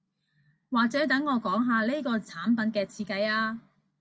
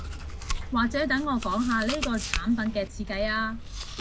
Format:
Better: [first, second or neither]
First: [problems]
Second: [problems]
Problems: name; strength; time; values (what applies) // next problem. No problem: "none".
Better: first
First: none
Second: background sound (Chewing, mastication); 6 dB below the speech